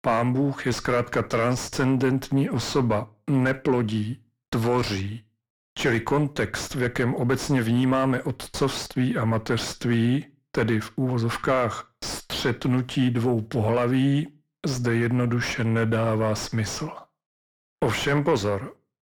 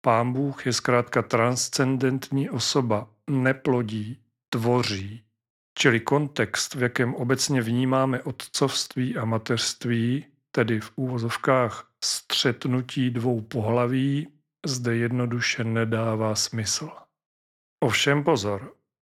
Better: second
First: distortion; heavy; 6 dB below the speech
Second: none

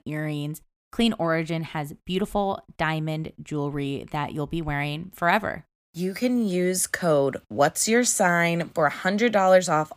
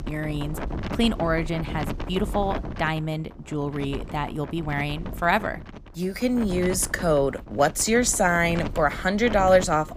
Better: first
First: none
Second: wind noise on the microphone; occasional gusts; 15 dB below the speech

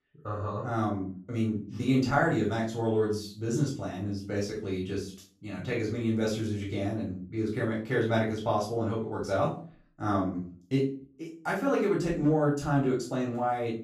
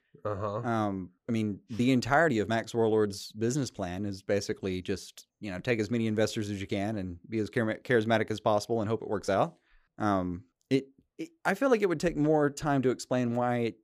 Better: second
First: off-mic speech; far // room echo; slight; dies away in 0.4 s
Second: none

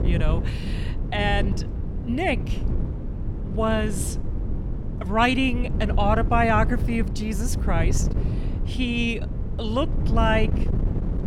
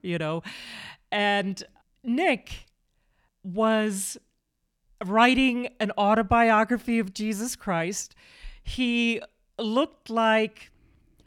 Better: second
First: wind noise on the microphone; occasional gusts; 15 dB below the speech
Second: none

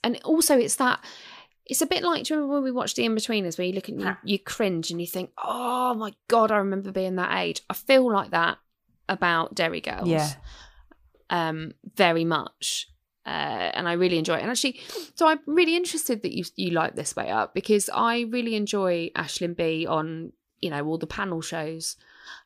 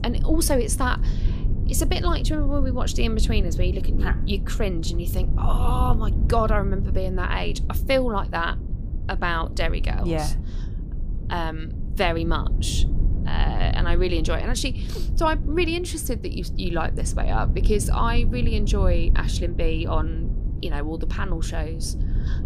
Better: first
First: none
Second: low rumble; noticeable; throughout; 15 dB below the speech

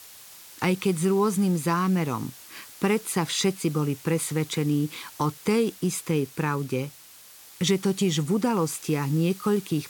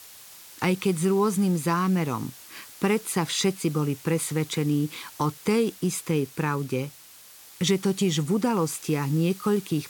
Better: neither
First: hiss; noticeable; throughout; 20 dB below the speech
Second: hiss; noticeable; throughout; 20 dB below the speech

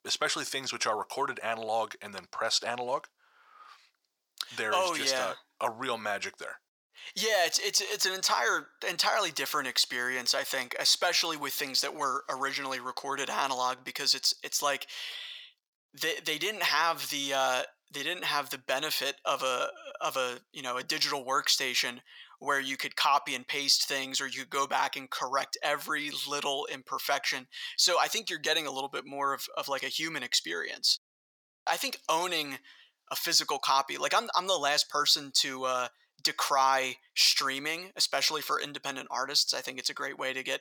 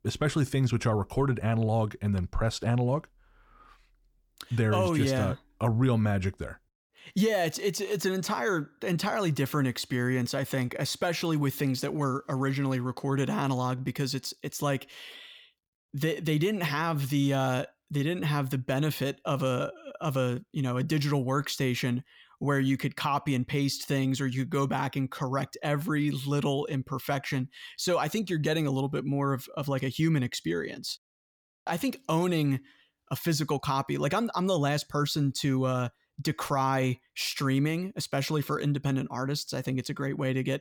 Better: second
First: thin; very; fading below 800 Hz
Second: none

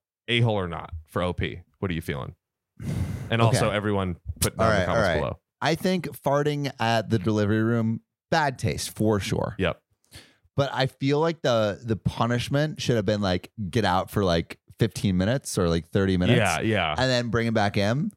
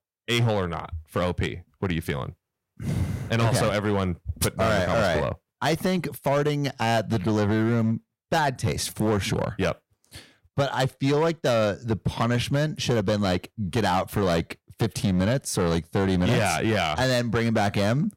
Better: first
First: none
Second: distortion; slight; 10% of the sound clipped

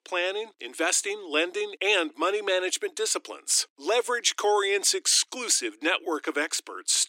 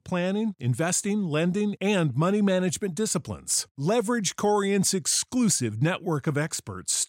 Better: second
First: thin; very; fading below 300 Hz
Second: none

